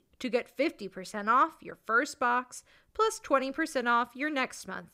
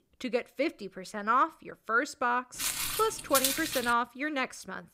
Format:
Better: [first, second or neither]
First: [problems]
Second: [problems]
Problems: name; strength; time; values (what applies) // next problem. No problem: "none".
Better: first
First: none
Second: footsteps; loud; from 2.5 to 4 s; peak 3 dB above the speech